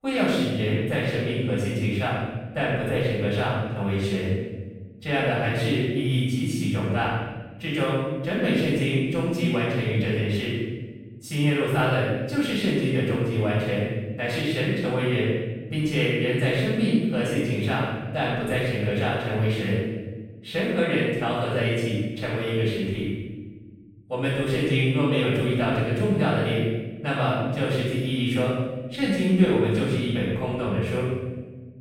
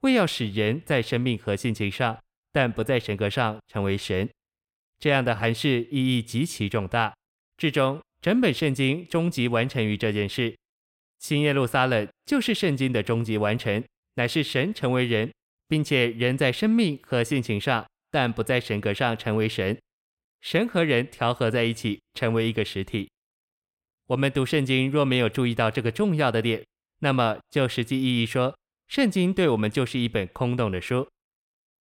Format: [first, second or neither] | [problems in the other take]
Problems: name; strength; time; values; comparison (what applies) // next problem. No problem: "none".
second | room echo; strong; dies away in 1.3 s // off-mic speech; far